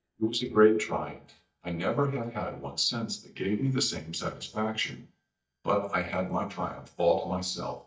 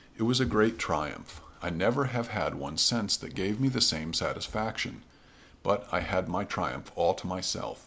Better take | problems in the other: second | noise reduction (neural mask model DeepFilterNet 3)

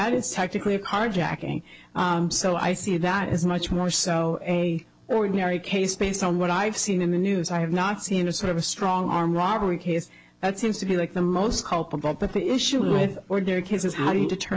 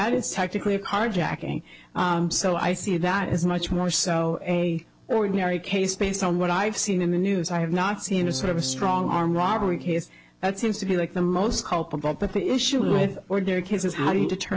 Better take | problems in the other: first | background sound (Electric guitar / Strum); 11 dB below the speech

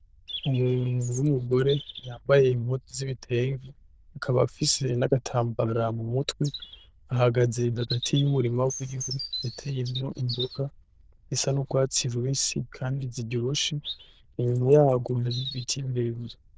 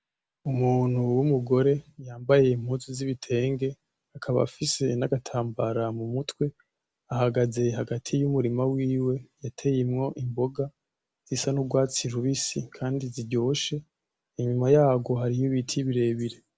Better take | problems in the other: second | noise reduction (neural diffusion model UNIVERSE++)

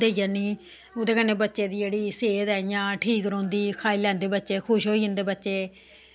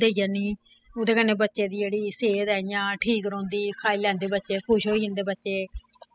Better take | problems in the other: first | noise reduction (classical method spectral subtraction)

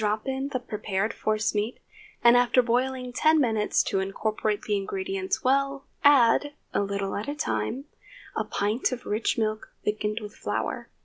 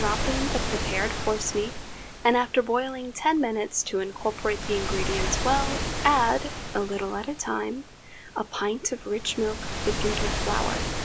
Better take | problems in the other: first | background sound (Waves, surf); 3 dB below the speech

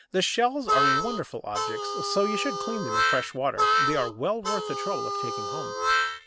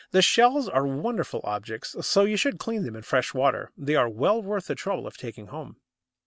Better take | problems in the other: second | background sound (Harmonica); 3 dB above the speech

